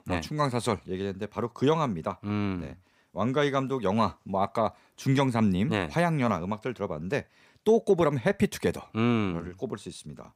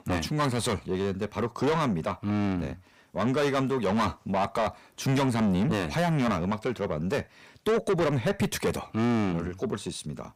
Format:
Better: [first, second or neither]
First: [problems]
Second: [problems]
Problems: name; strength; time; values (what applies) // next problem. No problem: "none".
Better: first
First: none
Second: distortion; heavy; 6 dB below the speech